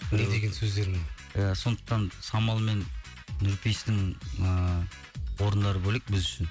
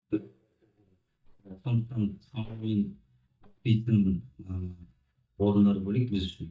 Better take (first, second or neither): first